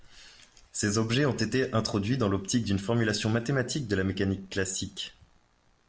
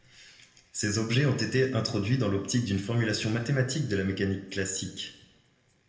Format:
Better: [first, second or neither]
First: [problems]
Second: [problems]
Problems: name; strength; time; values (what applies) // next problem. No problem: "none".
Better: first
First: none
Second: room echo; dies away in 0.8 s